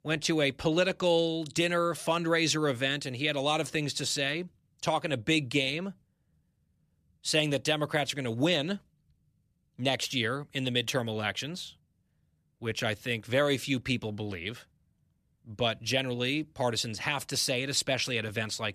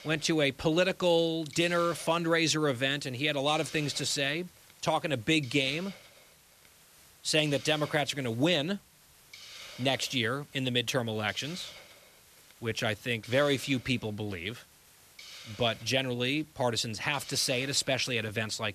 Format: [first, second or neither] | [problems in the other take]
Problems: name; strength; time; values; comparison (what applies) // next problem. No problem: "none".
first | hiss; faint; throughout; 20 dB below the speech